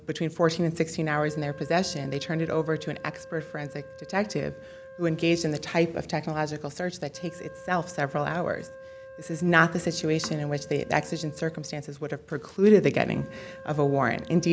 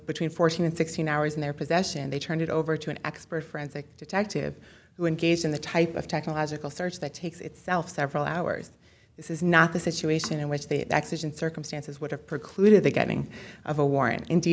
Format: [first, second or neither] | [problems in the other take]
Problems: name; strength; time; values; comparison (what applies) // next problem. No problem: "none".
second | background sound (Wind instrument, woodwind instrument); 19 dB below the speech